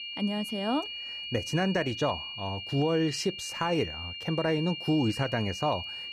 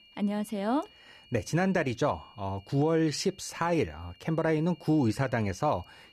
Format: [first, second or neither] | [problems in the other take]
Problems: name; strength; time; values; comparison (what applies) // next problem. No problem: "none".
second | high-pitched whine; loud; throughout; 3 kHz, 6 dB below the speech; faint in the second